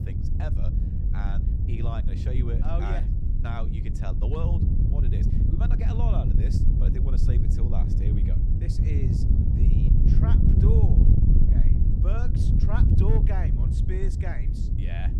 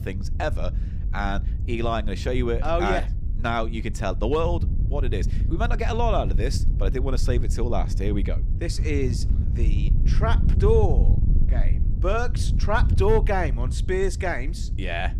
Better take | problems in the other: second | wind noise on the microphone; heavy; 2 dB above the speech; occasional gusts in the second

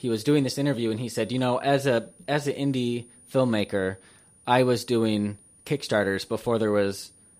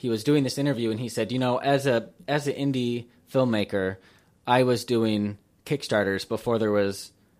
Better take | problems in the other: second | high-pitched whine; faint; throughout; 9.5 kHz, 25 dB below the speech

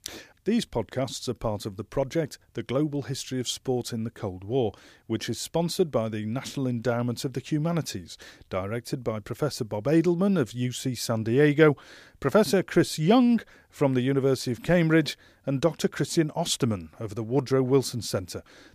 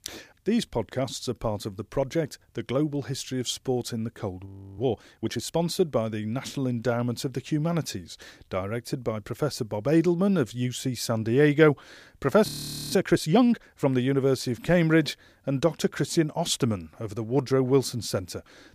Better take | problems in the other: first | audio freezing; at 4.5 s and at 12 s

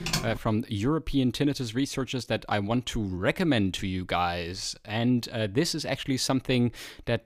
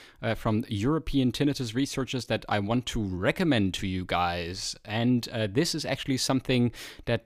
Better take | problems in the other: second | keyboard typing; noticeable; at the start; peak 2 dB below the speech

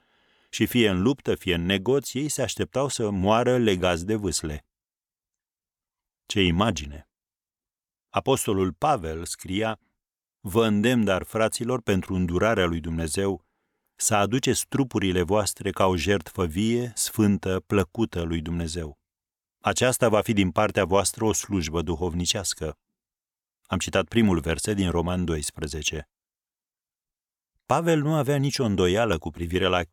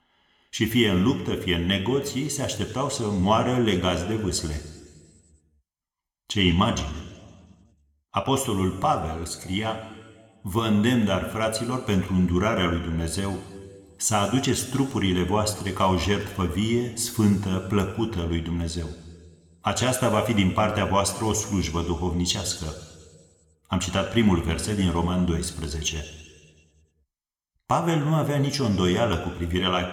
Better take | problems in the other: first | room echo; slight; dies away in 1.5 s

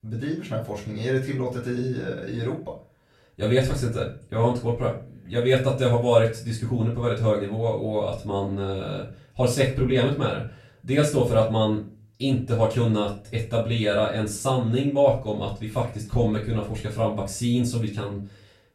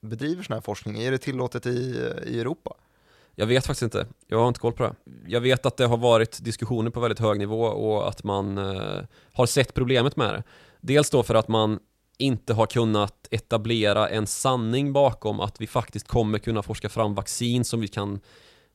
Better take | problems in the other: second | off-mic speech; far // room echo; slight; dies away in 0.3 s

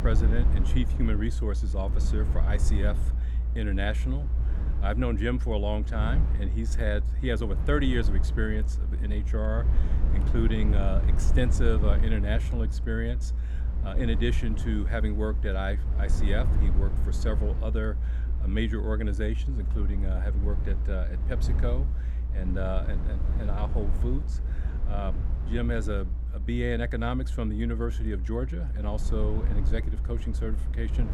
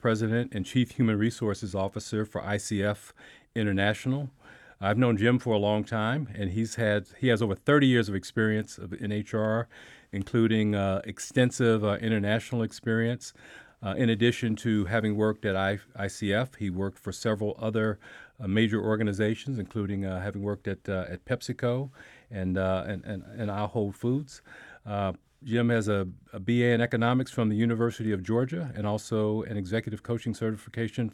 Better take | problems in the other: second | low rumble; loud; throughout; 10 dB below the speech

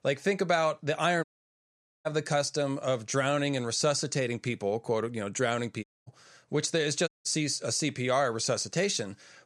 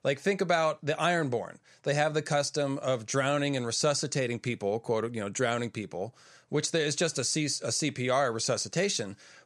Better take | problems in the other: second | audio cutting out; at 1 s for 1 s, at 6 s and at 7 s

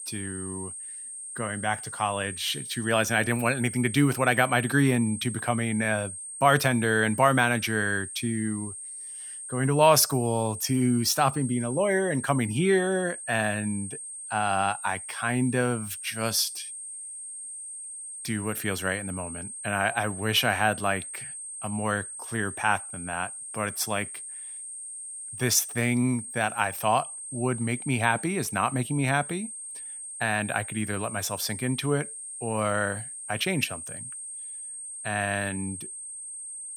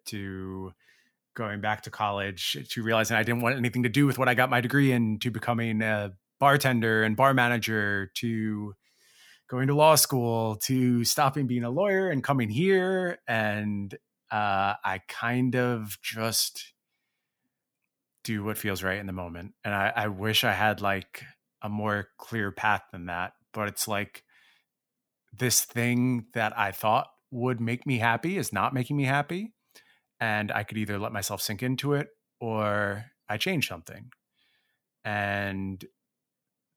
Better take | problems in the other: second | high-pitched whine; loud; throughout; 8.5 kHz, 9 dB below the speech

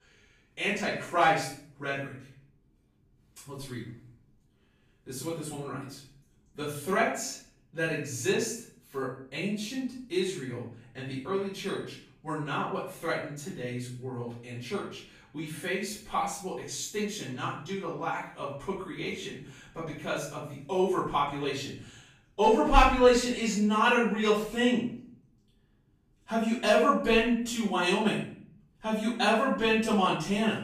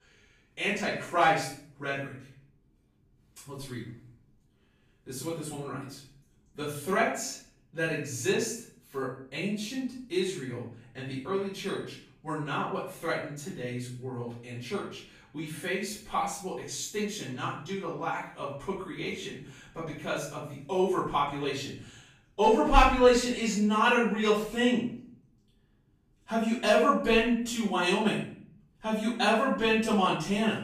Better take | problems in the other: neither | room echo; noticeable; dies away in 0.5 s; the same in both // off-mic speech; far; the same in both

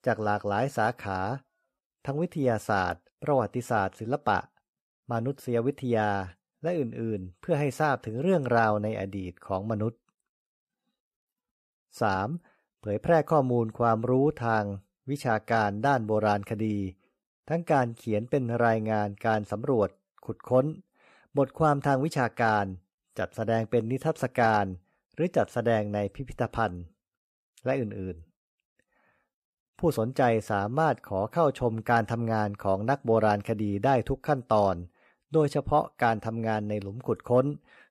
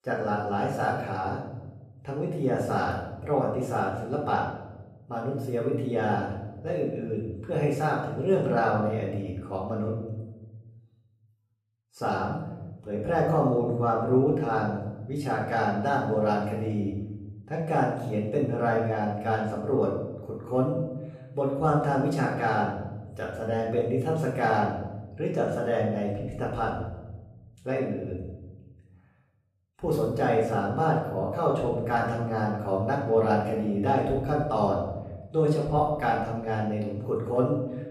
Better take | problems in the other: first | off-mic speech; far // room echo; noticeable; dies away in 1.1 s

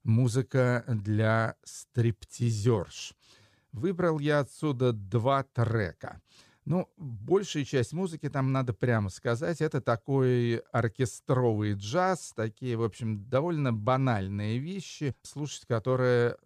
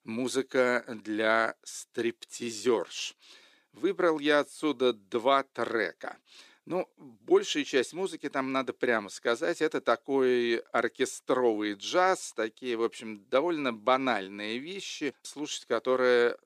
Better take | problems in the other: first | thin; somewhat; fading below 300 Hz

